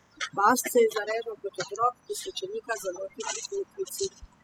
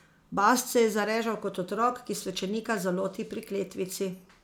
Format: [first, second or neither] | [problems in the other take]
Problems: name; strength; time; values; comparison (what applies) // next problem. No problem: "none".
second | noise reduction (classical method spectral subtraction)